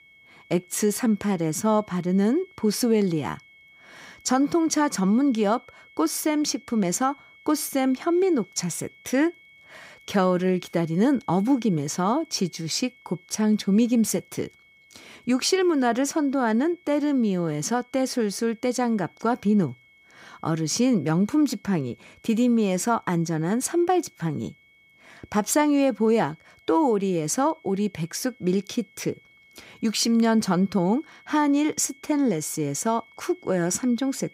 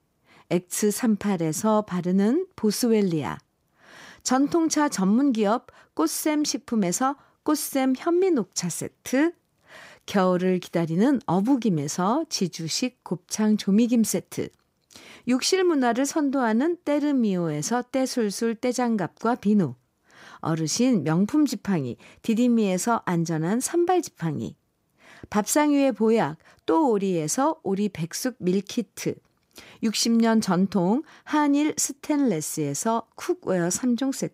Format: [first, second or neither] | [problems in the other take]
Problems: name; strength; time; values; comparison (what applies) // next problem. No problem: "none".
second | high-pitched whine; faint; throughout; 2 kHz, 30 dB below the speech